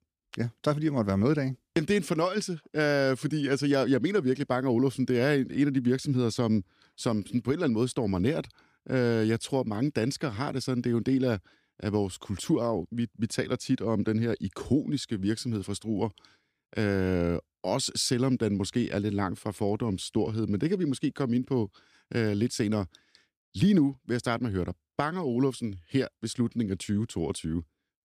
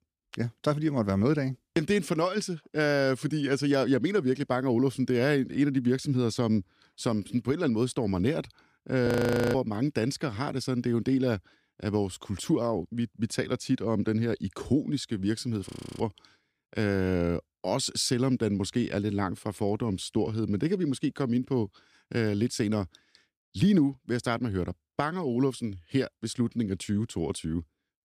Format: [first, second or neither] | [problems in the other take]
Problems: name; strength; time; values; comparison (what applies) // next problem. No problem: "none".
first | audio freezing; at 9 s and at 16 s